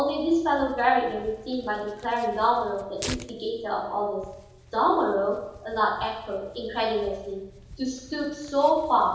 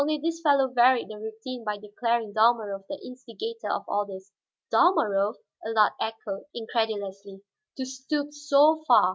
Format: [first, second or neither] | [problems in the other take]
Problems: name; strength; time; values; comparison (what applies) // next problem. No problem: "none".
second | background sound (Tearing); 19 dB below the speech // room echo; dies away in 0.8 s